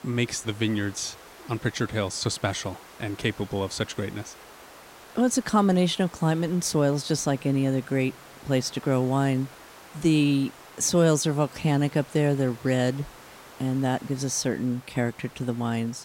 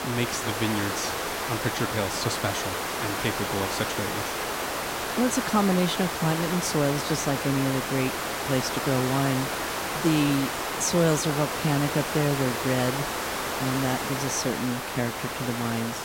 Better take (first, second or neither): first